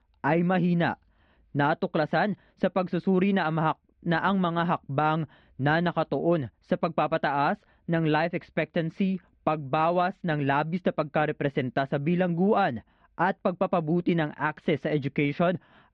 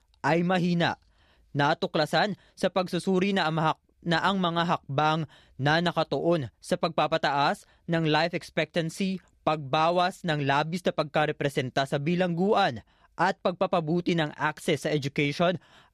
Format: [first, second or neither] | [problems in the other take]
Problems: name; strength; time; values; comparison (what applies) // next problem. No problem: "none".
second | muffled; slightly; fading above 2.5 kHz